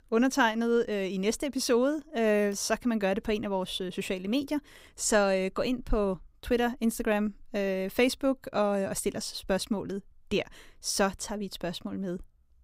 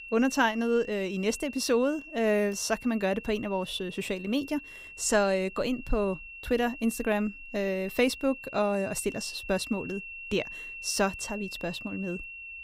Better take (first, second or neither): first